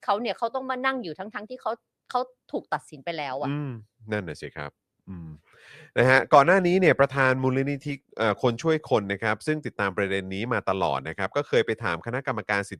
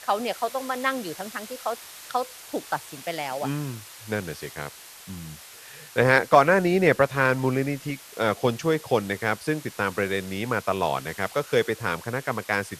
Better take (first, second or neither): first